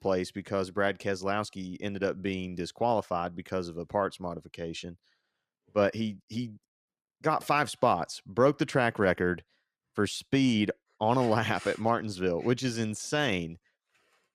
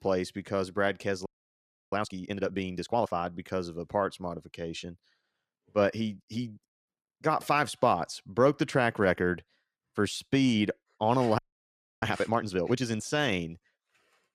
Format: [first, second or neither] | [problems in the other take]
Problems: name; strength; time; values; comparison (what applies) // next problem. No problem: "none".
first | audio freezing; at 1.5 s for 0.5 s and at 11 s for 0.5 s